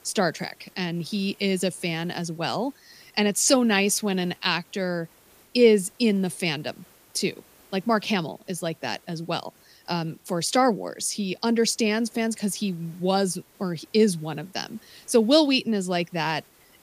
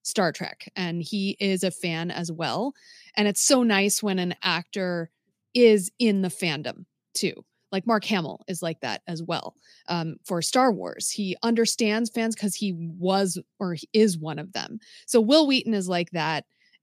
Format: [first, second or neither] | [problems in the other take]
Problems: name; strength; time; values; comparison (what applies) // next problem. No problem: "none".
second | hiss; faint; throughout; 30 dB below the speech